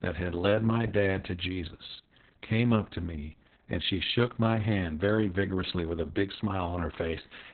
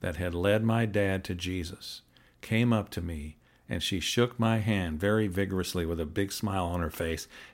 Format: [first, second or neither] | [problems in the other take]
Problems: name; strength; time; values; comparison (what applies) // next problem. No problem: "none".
second | garbled, watery; badly; nothing above 4 kHz